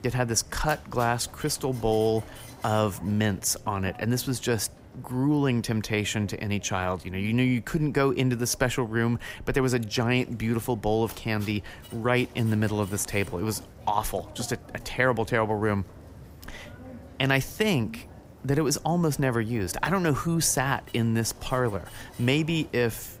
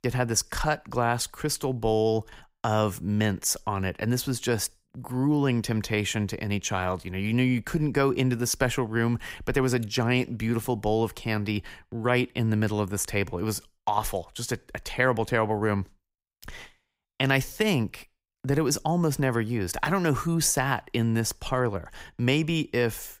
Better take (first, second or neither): second